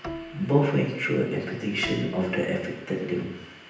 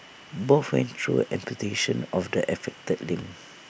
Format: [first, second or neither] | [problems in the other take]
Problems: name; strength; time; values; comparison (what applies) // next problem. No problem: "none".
second | background sound (Bowed string instrument); 15 dB below the speech // room echo; dies away in 0.9 s